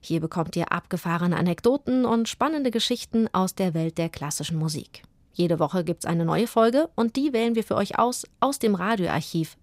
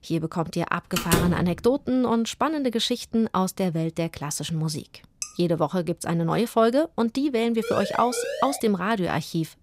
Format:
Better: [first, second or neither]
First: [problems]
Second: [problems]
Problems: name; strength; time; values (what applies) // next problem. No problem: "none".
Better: first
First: none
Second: door banging; loud; at 1 s; peak 1 dB above the speech // clattering dishes; faint; at 5 s; peak 10 dB below the speech // siren; noticeable; at 7.5 s; peak 5 dB below the speech